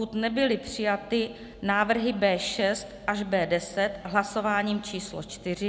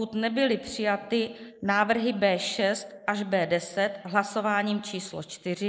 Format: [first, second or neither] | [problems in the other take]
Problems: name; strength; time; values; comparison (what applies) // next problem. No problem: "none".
first | noise reduction (neural mask model Resemble Enhance denoiser)